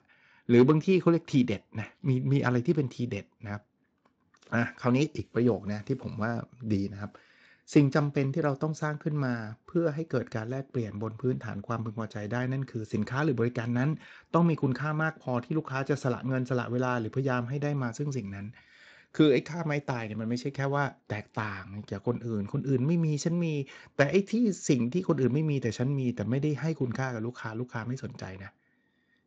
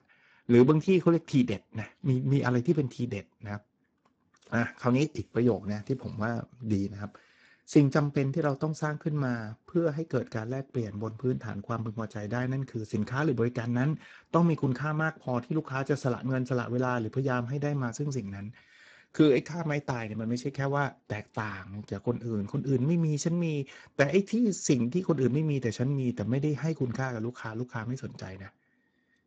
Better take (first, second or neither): first